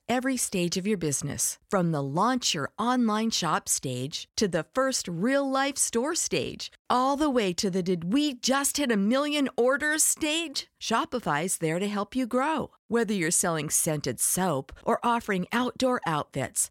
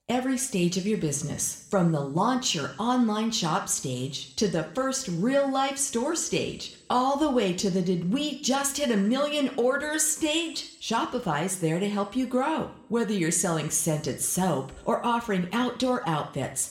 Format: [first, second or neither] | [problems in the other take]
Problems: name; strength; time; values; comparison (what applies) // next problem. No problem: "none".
first | room echo; very slight; dies away in 0.6 s